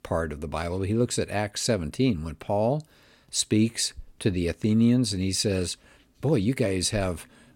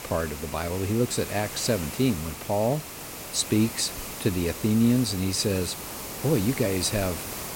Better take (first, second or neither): first